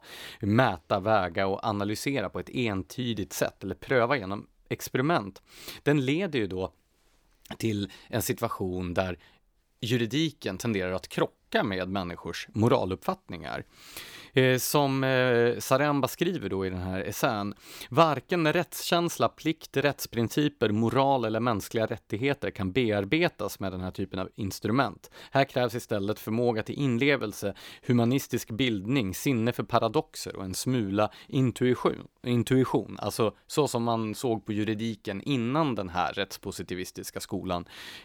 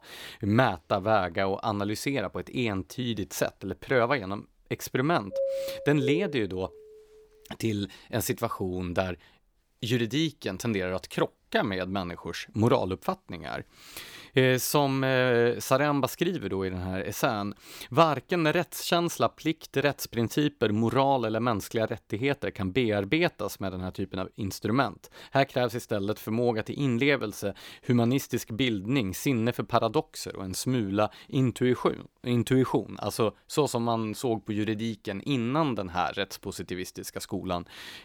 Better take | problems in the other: first | doorbell; noticeable; from 5.5 to 6.5 s; peak 2 dB below the speech

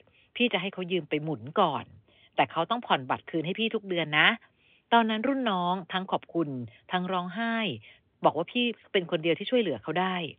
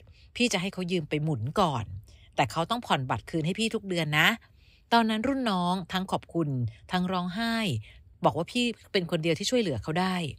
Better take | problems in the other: second | phone-call audio; nothing above 3.5 kHz

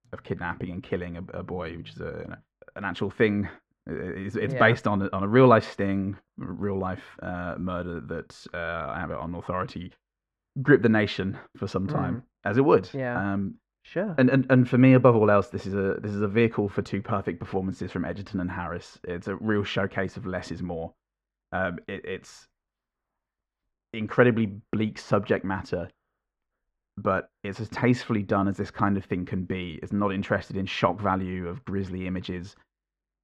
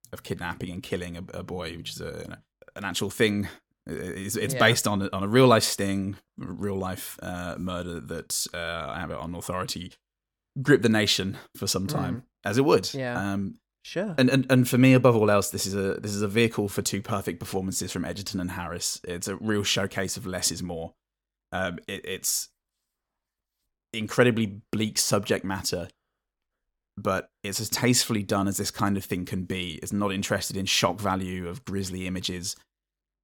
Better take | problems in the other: second | muffled; very; fading above 1.5 kHz

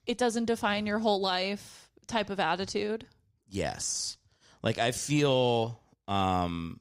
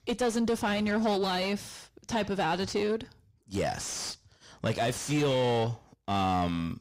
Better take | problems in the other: first | distortion; heavy; 8 dB below the speech

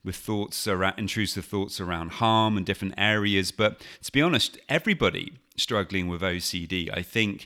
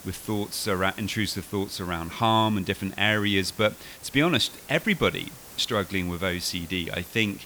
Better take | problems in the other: first | hiss; noticeable; throughout; 20 dB below the speech

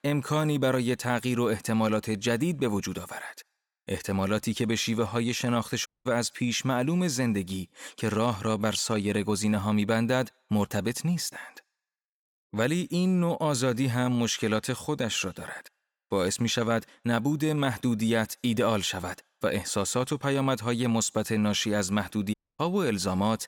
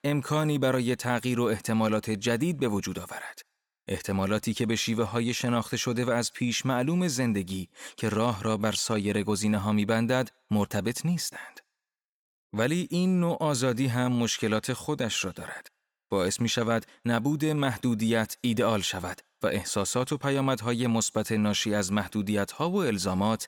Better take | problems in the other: second | audio cutting out; at 6 s and at 22 s

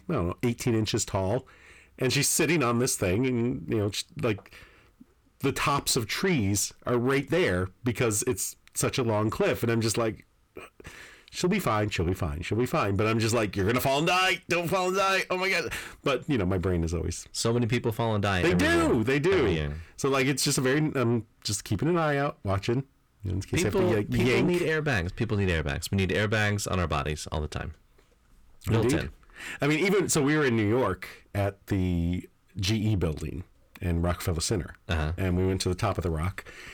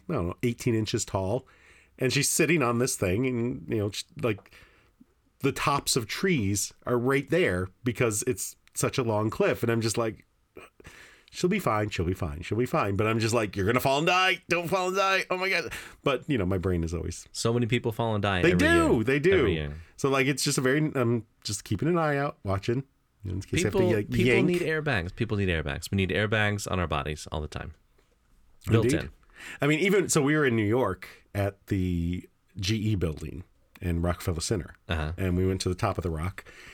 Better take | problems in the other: second | distortion; slight; 10 dB below the speech

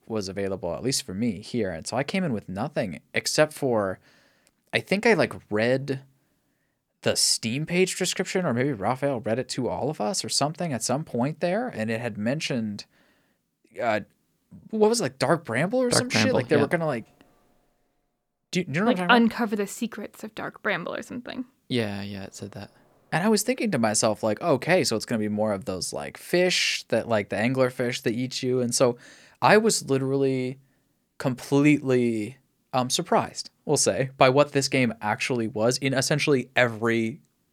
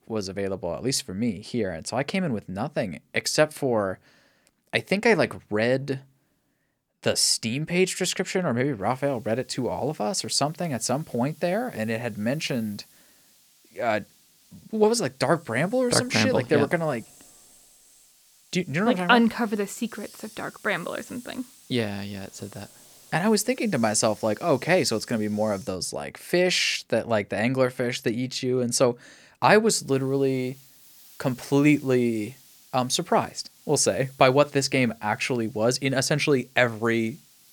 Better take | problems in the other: first | hiss; faint; from 9 to 26 s and from 30 s on; 25 dB below the speech

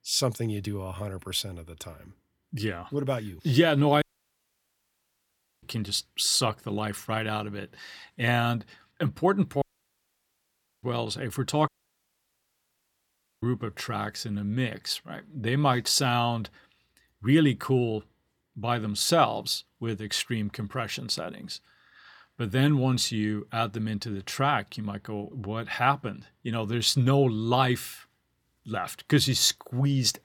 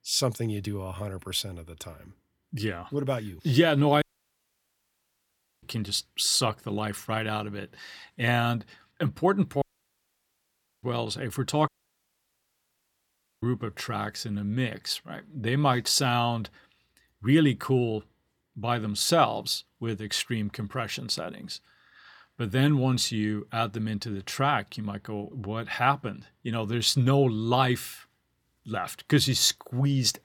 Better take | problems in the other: neither | audio cutting out; at 4 s for 1.5 s, at 9.5 s for 1 s and at 12 s for 1.5 s; the same in both

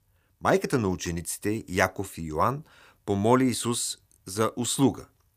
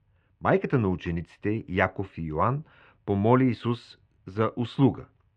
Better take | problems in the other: first | muffled; very; fading above 3 kHz

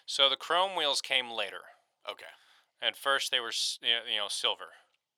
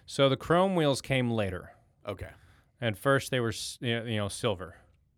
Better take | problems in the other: second | thin; very; fading below 800 Hz

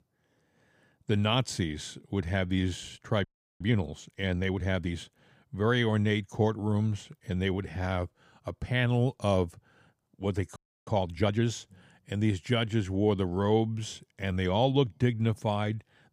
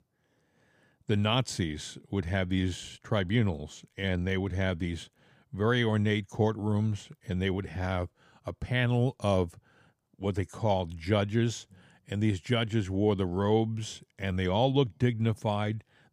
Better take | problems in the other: second | audio freezing; at 3.5 s and at 11 s

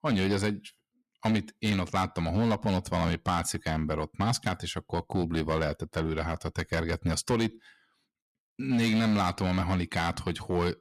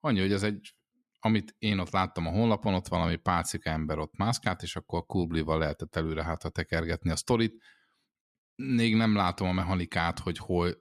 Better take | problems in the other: second | distortion; slight; 7% of the sound clipped

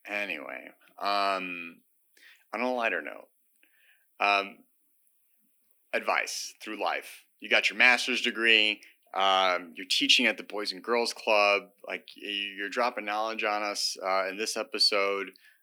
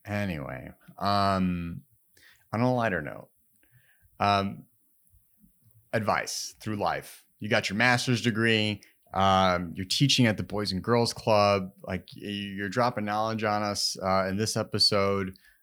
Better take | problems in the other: second | thin; somewhat; fading below 250 Hz

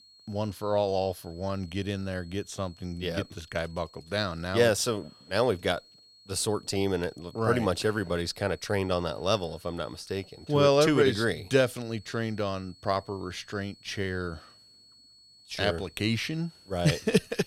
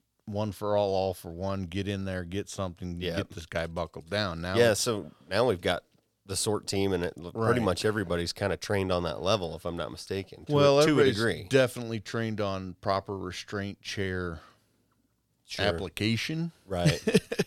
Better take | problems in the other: second | high-pitched whine; faint; throughout; 4.5 kHz, 25 dB below the speech

